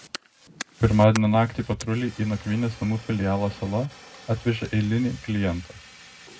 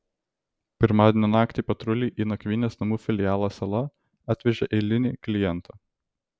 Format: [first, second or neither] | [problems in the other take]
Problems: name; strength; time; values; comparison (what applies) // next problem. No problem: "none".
second | background sound (Fire); 18 dB below the speech // room echo; dies away in 0.3 s